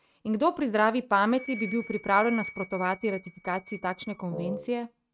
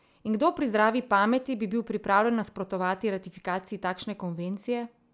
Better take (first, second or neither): second